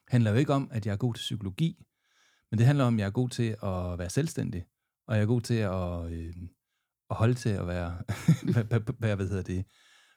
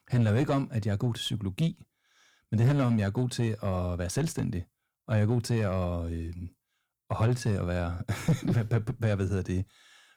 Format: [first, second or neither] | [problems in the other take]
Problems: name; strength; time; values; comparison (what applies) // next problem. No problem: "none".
first | distortion; slight; 9 dB below the speech